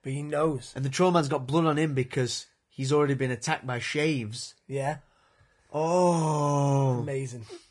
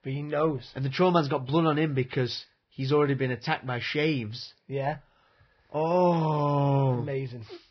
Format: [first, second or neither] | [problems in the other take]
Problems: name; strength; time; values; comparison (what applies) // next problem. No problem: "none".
first | garbled, watery; badly; nothing above 5.5 kHz; slightly in the first